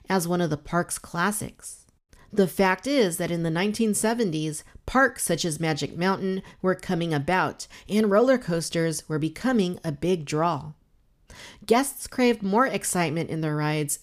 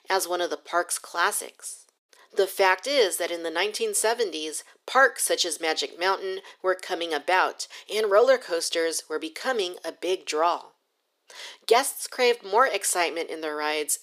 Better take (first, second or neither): first